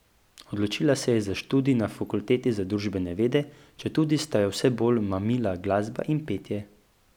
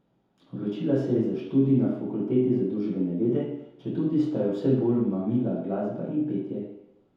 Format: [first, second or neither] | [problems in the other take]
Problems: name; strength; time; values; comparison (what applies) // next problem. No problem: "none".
first | room echo; dies away in 0.8 s